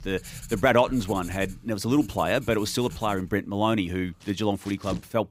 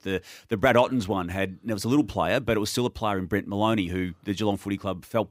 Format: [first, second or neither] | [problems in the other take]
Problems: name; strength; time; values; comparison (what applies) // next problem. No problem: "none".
second | household noises; noticeable; throughout; 15 dB below the speech